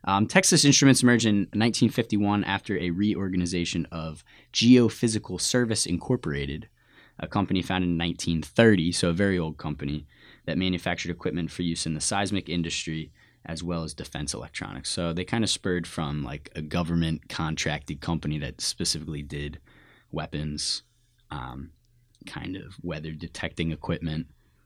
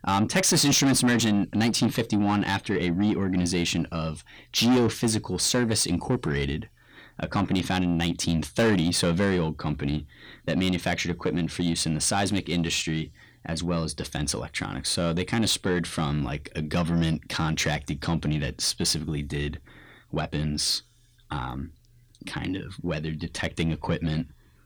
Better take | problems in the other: first | distortion; heavy; 7 dB below the speech

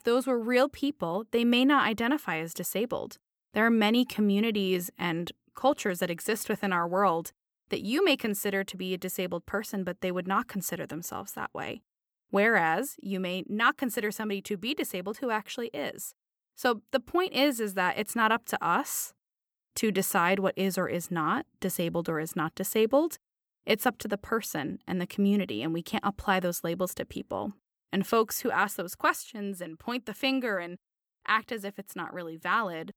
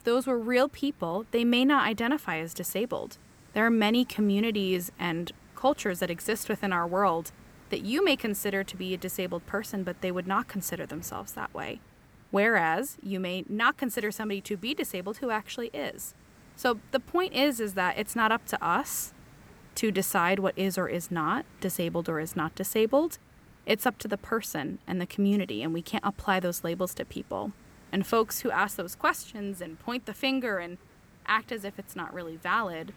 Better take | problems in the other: first | hiss; faint; throughout; 25 dB below the speech

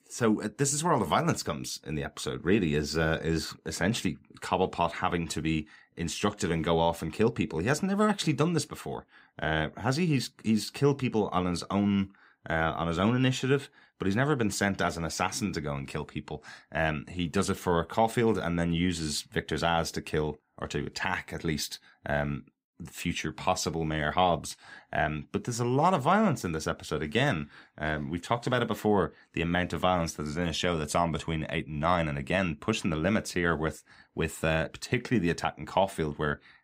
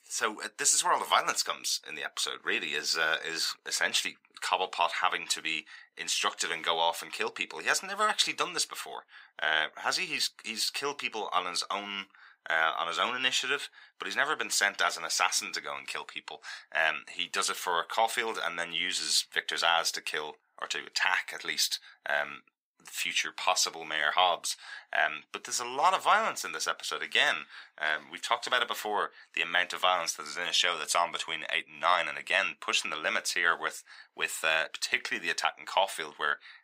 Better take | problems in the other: first | thin; very; fading below 1 kHz

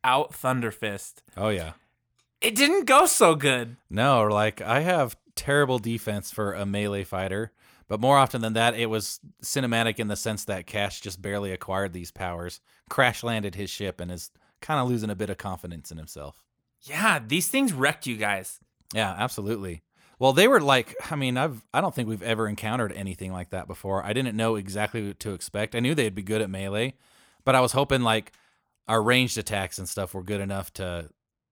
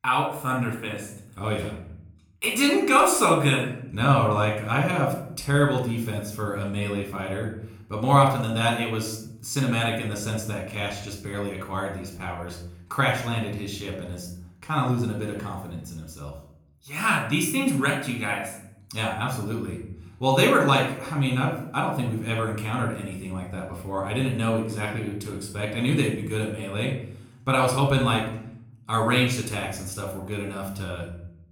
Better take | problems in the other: first | off-mic speech; somewhat distant // room echo; noticeable; dies away in 0.7 s

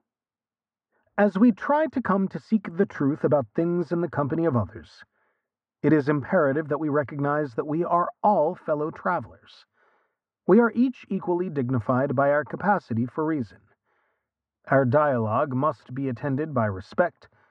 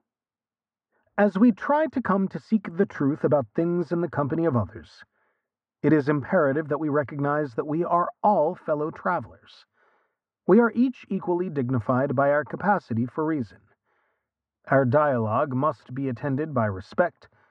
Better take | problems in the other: neither | muffled; very; fading above 1 kHz; the same in both

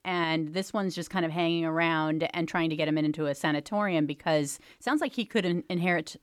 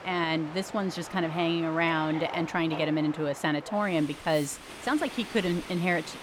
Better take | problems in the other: first | train or aircraft noise; noticeable; throughout; 10 dB below the speech

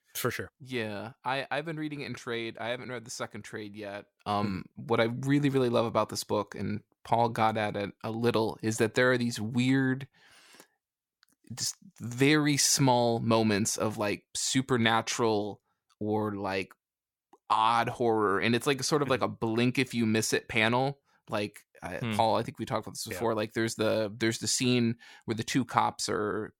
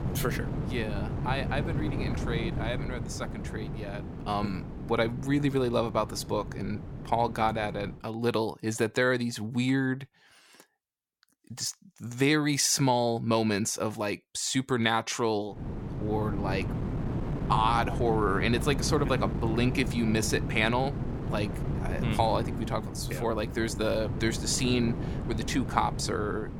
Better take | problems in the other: first | wind noise on the microphone; occasional gusts; until 8 s and from 16 s on; 10 dB below the speech

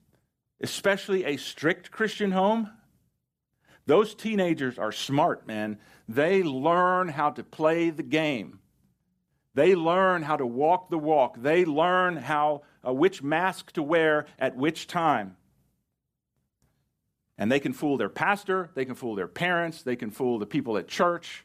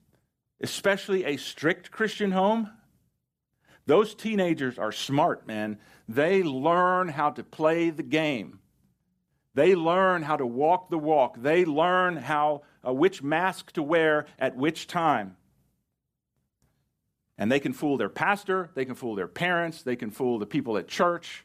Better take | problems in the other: neither | none

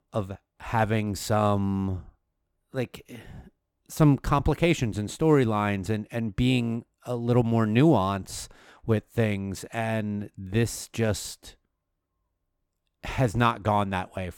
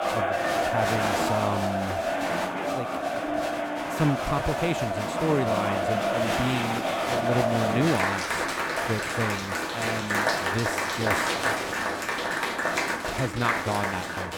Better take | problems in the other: first | crowd noise; very loud; throughout; 3 dB above the speech

